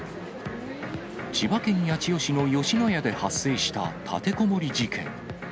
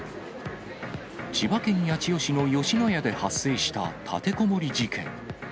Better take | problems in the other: second | background sound (Motorcycle); 17 dB below the speech

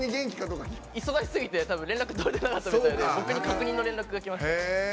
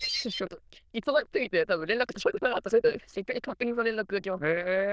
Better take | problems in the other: first | noise reduction (neural diffusion model UNIVERSE++)

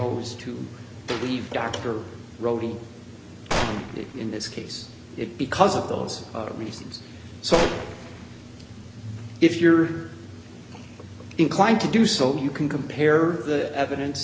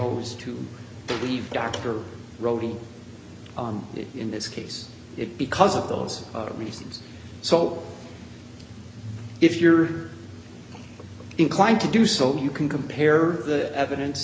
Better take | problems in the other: second | background sound (Gunshot, gunfire); 6 dB below the speech

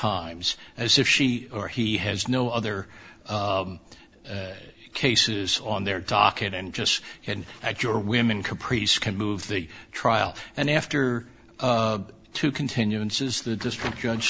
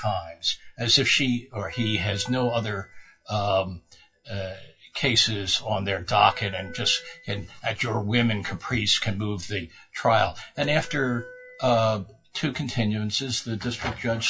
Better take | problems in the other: first | noise reduction (classical method WPE with log-MMSE)

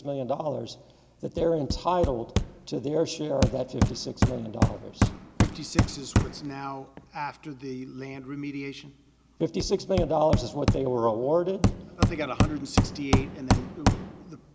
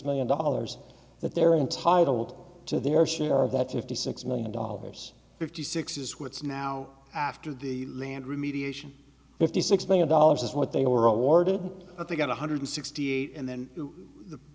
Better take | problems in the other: second | background sound (Hammer); 1 dB above the speech

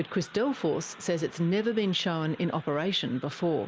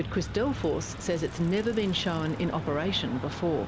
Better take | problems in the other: first | background sound (Bicycle); 9 dB below the speech

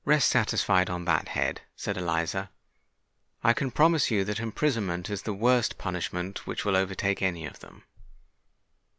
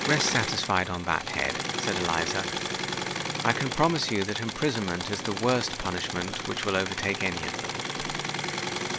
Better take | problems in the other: first | background sound (Engine / Mechanisms); 2 dB below the speech

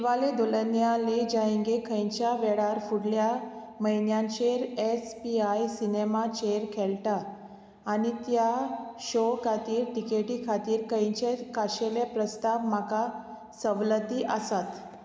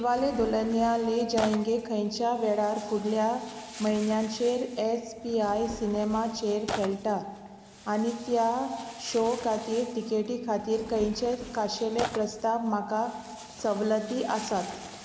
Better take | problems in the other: first | background sound (Tearing); 15 dB below the speech

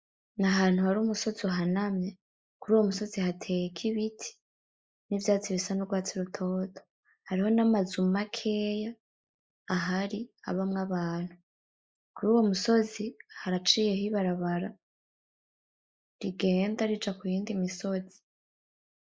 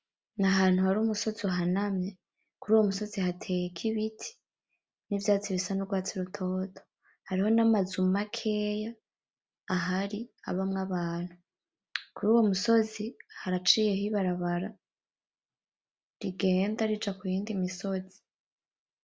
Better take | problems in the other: second | noise reduction (neural mask model Resemble Enhance denoiser)

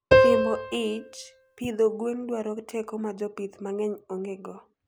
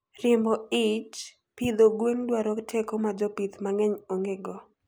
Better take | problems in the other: second | background sound (Piano); 4 dB above the speech

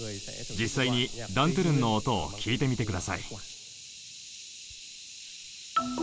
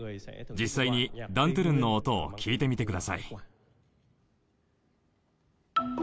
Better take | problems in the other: second | background sound (Hiss); 13 dB below the speech

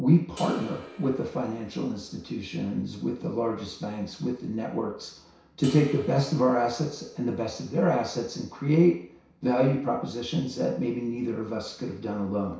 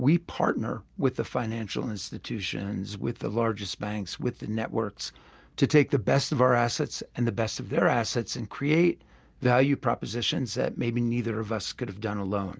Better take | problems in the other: second | background sound (Crash cymbal); 19 dB below the speech // room echo; dies away in 0.6 s

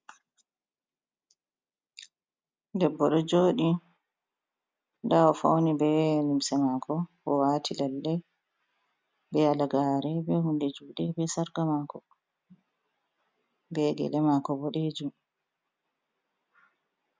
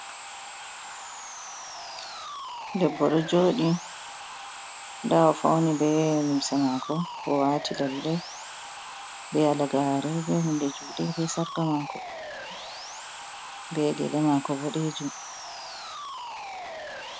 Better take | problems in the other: first | background sound (Sawing); 11 dB below the speech

